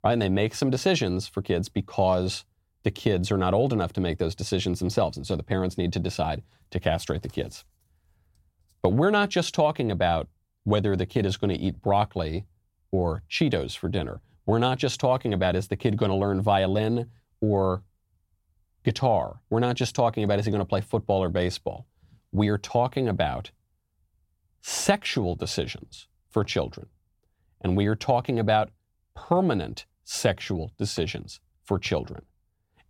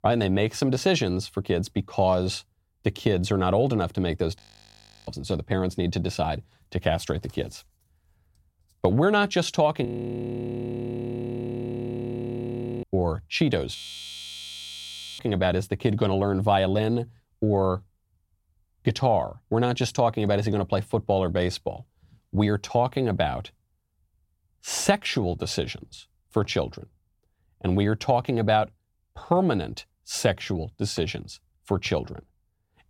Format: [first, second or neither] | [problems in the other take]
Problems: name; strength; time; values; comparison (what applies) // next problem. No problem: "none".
first | audio freezing; at 4.5 s for 0.5 s, at 10 s for 3 s and at 14 s for 1.5 s